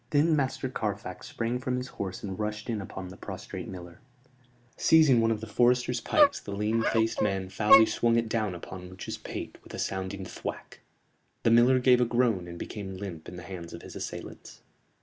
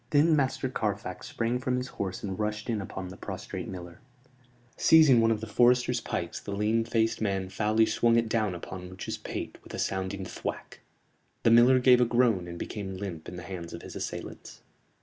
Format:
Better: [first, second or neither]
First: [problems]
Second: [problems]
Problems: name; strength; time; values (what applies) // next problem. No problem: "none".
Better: second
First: background sound (Dog); 1 dB below the speech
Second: none